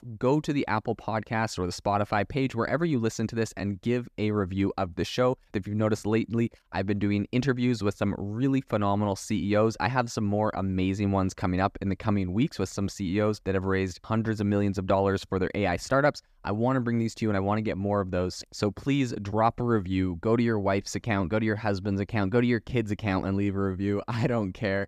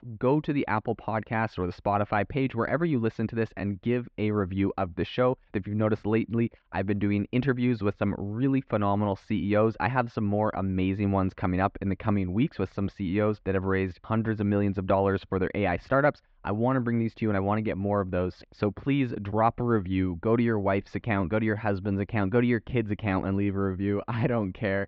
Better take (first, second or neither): first